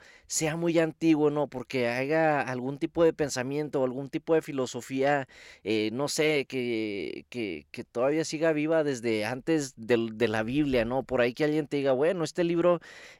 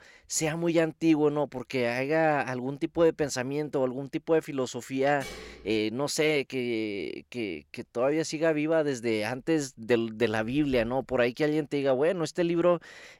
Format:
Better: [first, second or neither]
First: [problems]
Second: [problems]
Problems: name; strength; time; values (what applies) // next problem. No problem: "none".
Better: first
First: none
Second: clattering dishes; faint; at 5 s; peak 15 dB below the speech